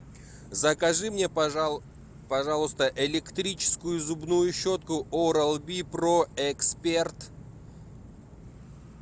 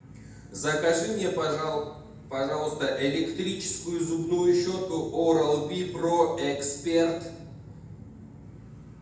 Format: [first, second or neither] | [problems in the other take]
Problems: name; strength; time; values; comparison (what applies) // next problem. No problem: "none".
first | room echo; dies away in 0.8 s